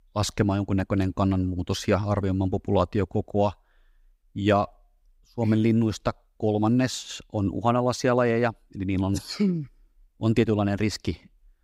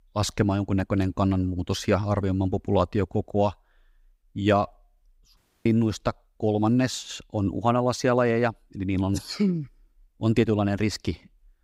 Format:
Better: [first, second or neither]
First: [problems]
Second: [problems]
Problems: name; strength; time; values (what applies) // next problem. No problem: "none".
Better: first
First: none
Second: audio cutting out; at 5.5 s